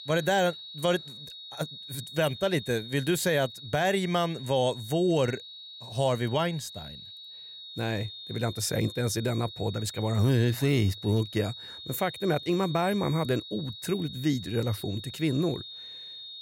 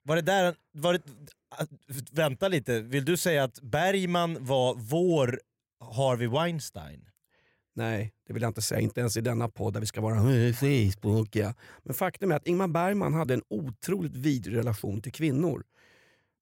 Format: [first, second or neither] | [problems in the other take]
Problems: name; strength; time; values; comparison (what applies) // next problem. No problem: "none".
second | high-pitched whine; noticeable; throughout; 4 kHz, 15 dB below the speech